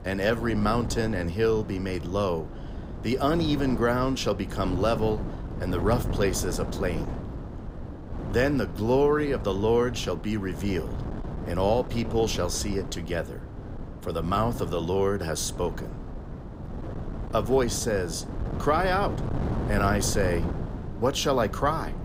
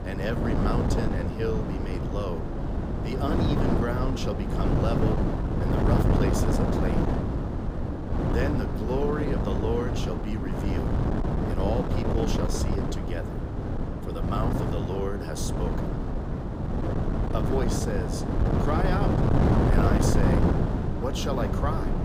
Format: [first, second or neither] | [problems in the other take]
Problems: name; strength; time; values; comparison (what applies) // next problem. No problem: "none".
first | wind noise on the microphone; heavy; 1 dB above the speech; occasional gusts in the first